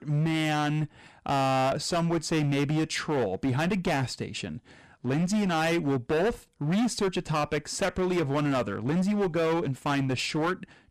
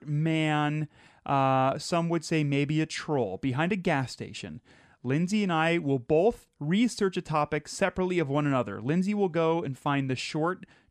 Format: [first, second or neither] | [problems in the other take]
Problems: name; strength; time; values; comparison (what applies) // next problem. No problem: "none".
second | distortion; heavy; 19% of the sound clipped